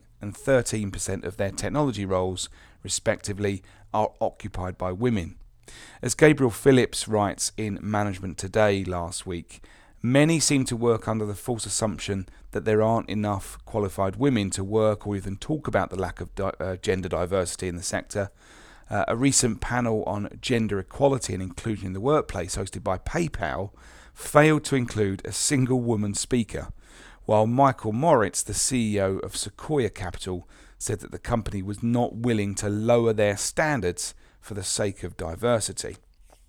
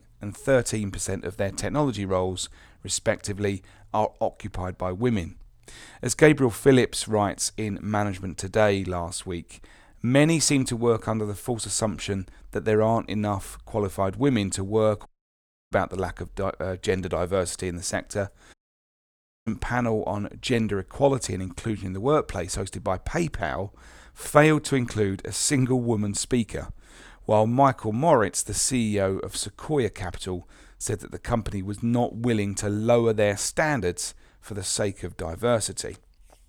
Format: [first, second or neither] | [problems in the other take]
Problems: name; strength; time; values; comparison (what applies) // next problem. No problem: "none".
first | audio cutting out; at 15 s for 0.5 s and at 19 s for 1 s